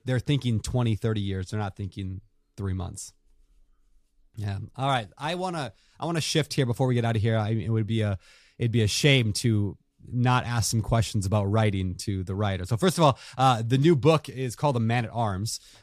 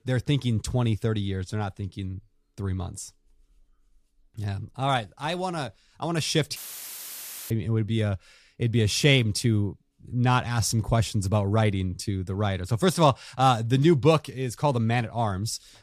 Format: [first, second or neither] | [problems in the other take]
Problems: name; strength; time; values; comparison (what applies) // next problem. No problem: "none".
first | audio cutting out; filled with static; at 6.5 s for 1 s